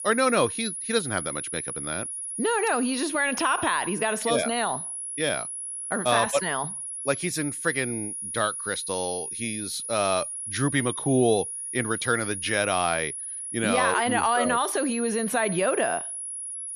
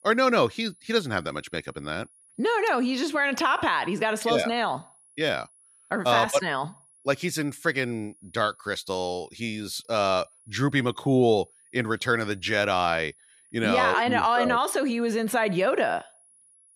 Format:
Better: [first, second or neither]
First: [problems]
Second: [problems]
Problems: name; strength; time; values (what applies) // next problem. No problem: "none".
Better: second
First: high-pitched whine; loud; throughout; 10.5 kHz, 5 dB below the speech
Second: high-pitched whine; faint; throughout; 10.5 kHz, 30 dB below the speech